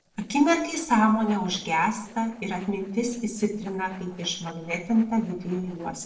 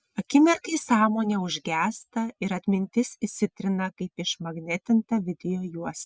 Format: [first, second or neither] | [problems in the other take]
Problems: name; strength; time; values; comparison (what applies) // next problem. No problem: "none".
second | noise reduction (neural separator model SepFormer DNS4)